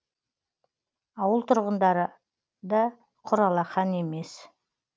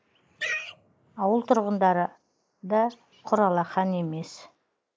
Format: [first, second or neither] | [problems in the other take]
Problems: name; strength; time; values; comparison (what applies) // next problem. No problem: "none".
first | noise reduction (neural mask model Resemble Enhance denoiser)